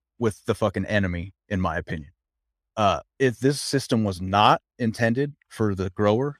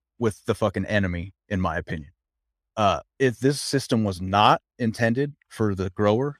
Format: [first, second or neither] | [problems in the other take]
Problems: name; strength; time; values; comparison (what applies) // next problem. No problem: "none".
neither | none